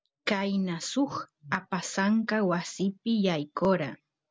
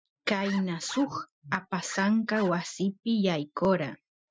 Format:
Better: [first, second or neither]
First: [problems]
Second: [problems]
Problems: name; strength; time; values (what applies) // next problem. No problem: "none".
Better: first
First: none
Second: noise reduction (classical method Wiener filter)